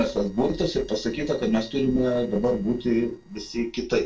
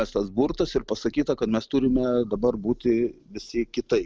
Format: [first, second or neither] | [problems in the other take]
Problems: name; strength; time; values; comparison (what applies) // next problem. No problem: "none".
second | noise reduction (neural separator model SepFormer DNS4)